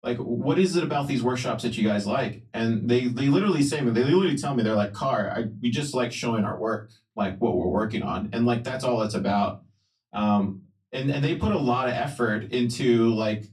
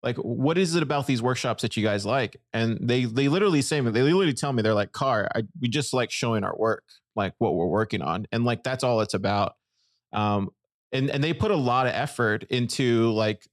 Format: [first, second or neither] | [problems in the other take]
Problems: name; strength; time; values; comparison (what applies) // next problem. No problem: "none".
second | off-mic speech; far // room echo; very slight; dies away in 0.2 s